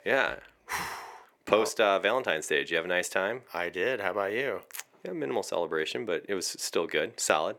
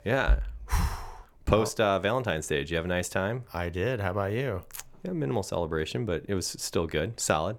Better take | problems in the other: second | thin; somewhat; fading below 350 Hz

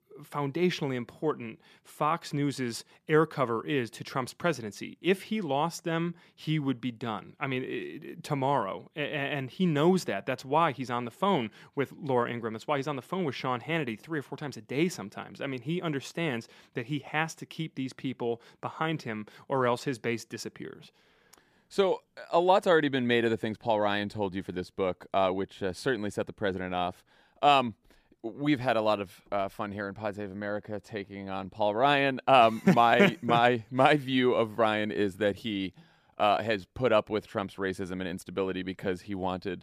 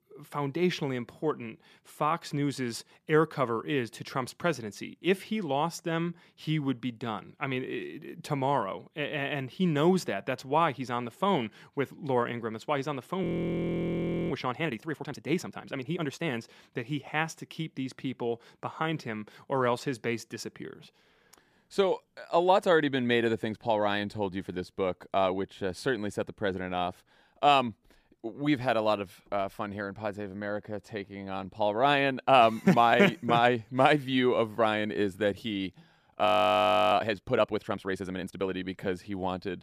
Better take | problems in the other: first | audio freezing; at 13 s for 1 s and at 36 s for 0.5 s

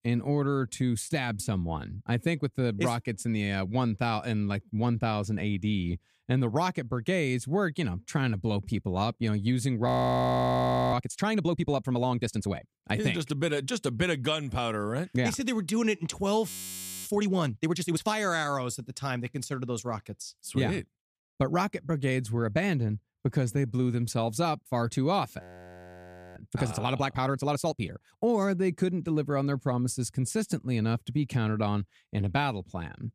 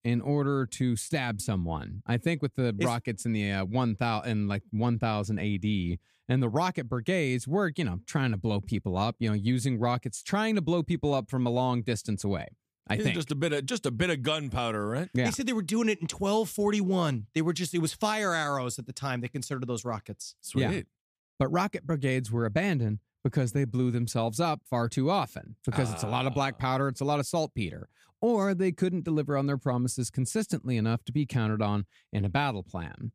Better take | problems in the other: second | audio freezing; at 10 s for 1 s, at 16 s for 0.5 s and at 25 s for 1 s

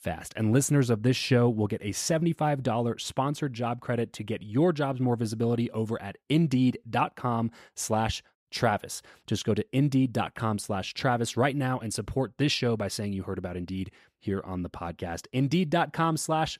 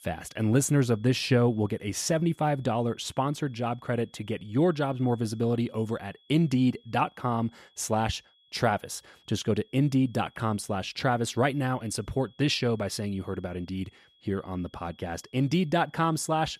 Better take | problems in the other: first | high-pitched whine; faint; throughout; 3.5 kHz, 30 dB below the speech

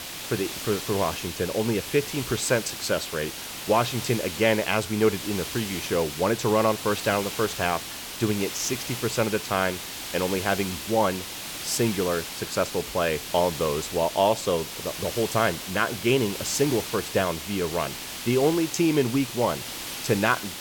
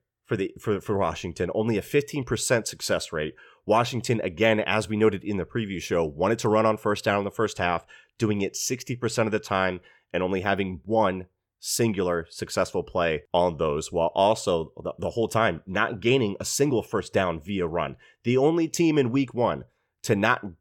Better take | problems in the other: second | hiss; loud; throughout; 7 dB below the speech

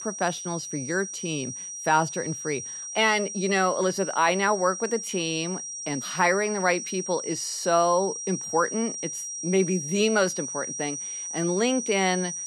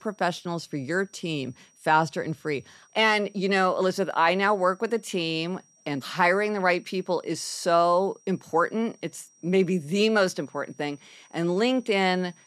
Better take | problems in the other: second | high-pitched whine; loud; throughout; 5.5 kHz, 6 dB below the speech; faint in the second

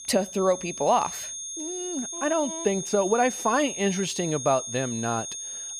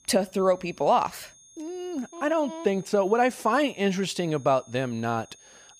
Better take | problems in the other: second | high-pitched whine; loud; throughout; 6.5 kHz, 7 dB below the speech; faint in the second

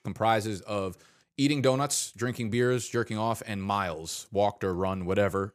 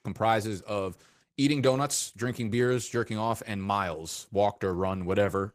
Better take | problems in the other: first | garbled, watery; slightly; nothing above 15 kHz

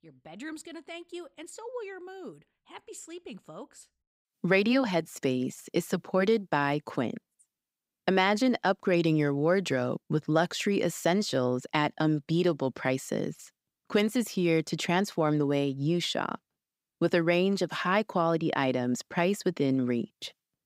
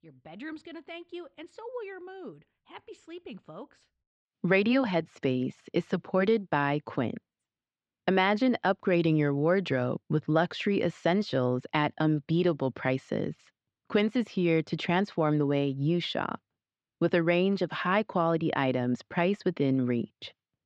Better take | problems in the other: first | muffled; slightly; fading above 4 kHz

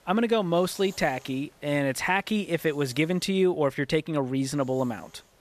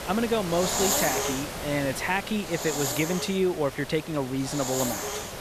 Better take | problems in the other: first | hiss; loud; throughout; 2 dB below the speech; faint in the first

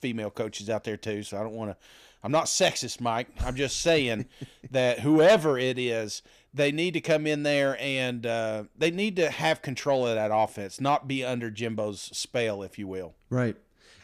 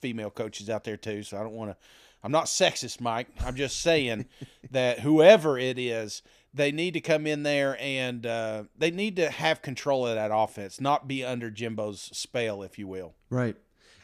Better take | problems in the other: second | distortion; slight; 10 dB below the speech

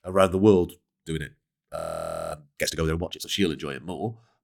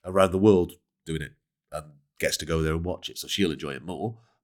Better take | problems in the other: second | audio freezing; at 2 s for 0.5 s

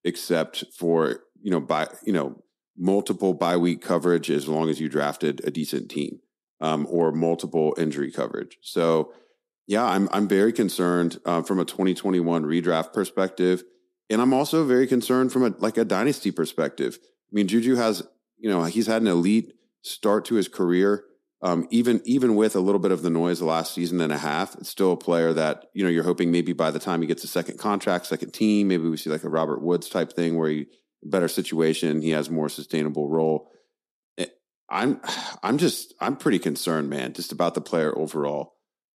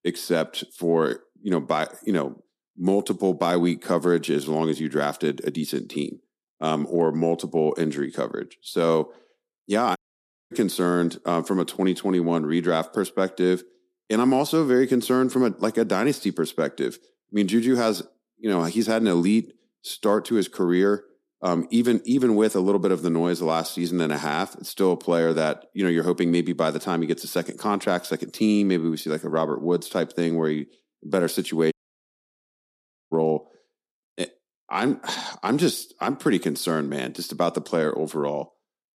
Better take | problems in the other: first | audio cutting out; at 10 s for 0.5 s and at 32 s for 1.5 s

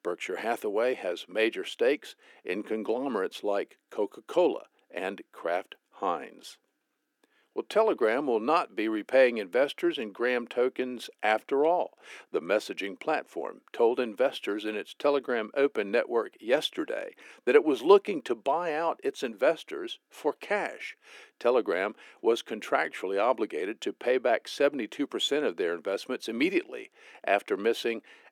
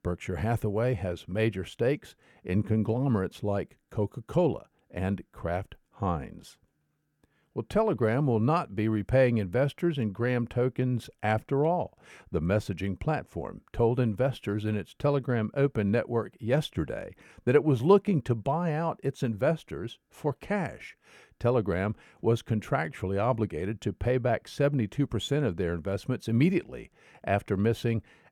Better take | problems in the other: second | thin; somewhat; fading below 300 Hz

